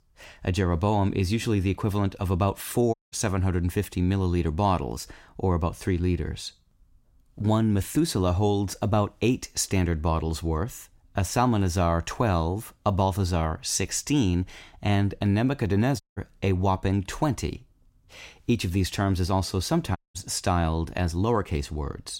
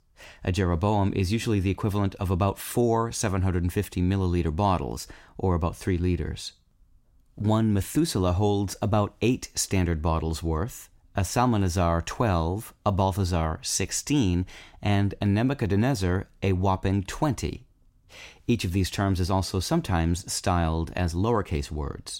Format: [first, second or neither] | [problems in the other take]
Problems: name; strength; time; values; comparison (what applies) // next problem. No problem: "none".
second | audio cutting out; at 3 s, at 16 s and at 20 s